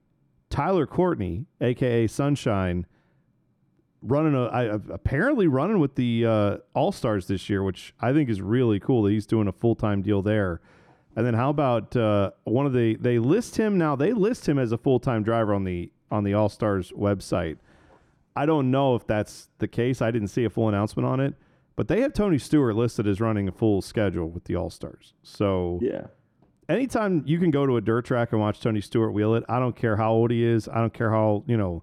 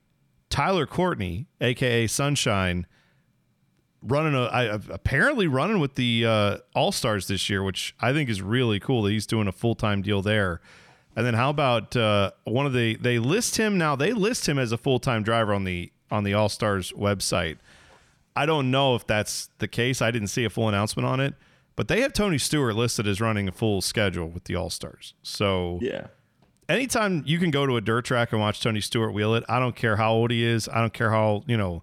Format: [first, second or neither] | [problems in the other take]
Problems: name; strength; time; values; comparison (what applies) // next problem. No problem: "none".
second | muffled; slightly; fading above 1.5 kHz